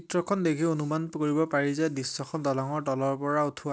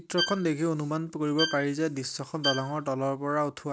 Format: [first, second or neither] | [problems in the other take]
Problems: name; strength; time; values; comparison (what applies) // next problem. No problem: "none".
first | background sound (Bowed string instrument); 7 dB below the speech